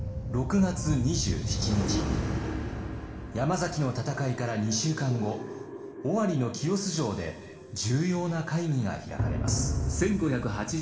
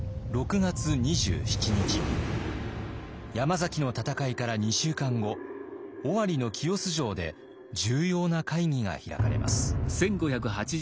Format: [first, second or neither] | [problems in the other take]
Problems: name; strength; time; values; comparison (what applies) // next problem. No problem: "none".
second | room echo; dies away in 2.1 s